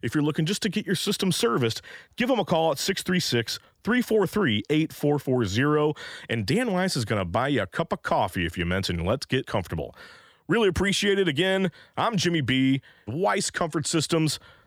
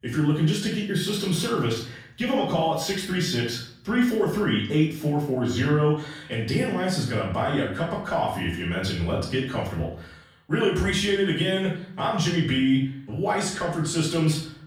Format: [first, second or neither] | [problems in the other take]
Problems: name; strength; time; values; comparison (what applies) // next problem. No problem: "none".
first | off-mic speech; far // room echo; noticeable; dies away in 0.5 s